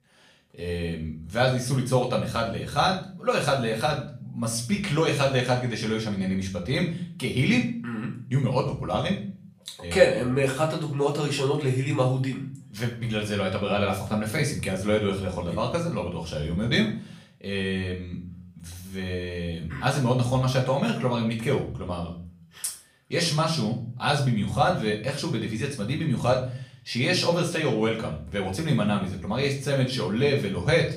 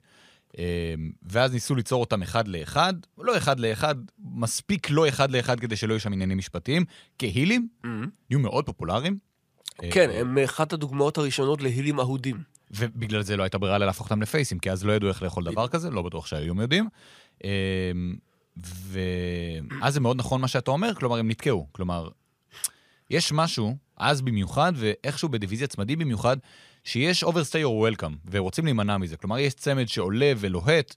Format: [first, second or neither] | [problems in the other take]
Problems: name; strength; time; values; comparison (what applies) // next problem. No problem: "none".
second | room echo; slight; dies away in 0.5 s // off-mic speech; far